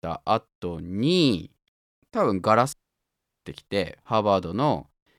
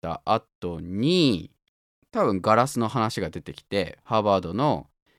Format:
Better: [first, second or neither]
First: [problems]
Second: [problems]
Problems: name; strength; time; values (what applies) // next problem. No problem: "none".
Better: second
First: audio cutting out; at 2.5 s for 0.5 s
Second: none